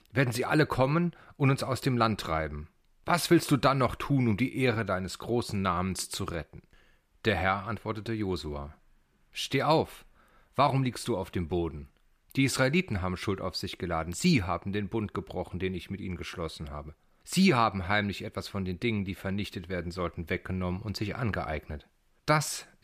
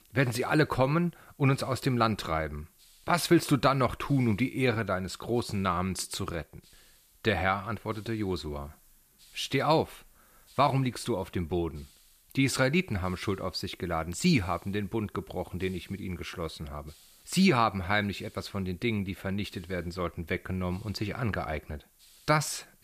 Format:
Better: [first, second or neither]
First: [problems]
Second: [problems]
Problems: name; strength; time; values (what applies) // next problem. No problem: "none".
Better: first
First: none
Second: hiss; faint; throughout; 30 dB below the speech